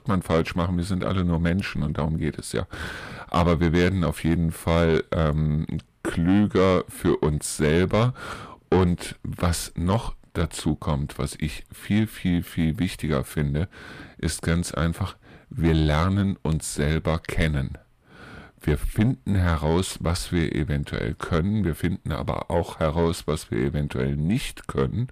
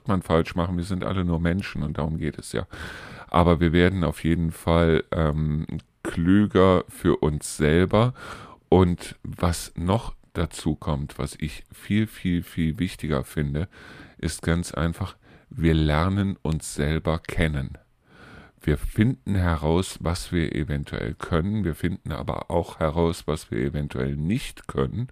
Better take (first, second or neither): second